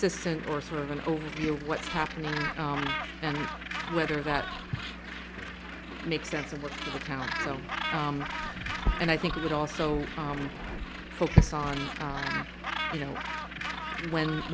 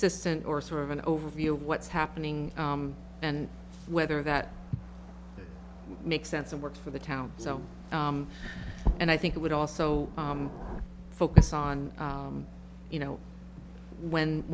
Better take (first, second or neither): second